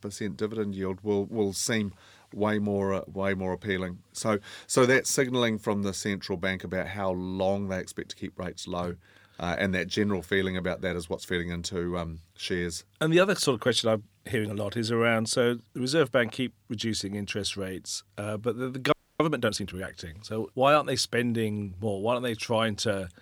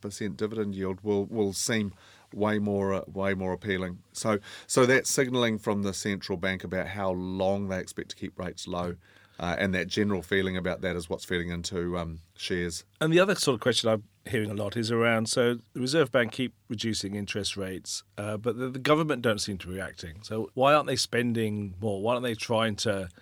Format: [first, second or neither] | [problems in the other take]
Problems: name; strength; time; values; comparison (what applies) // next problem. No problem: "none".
second | audio freezing; at 19 s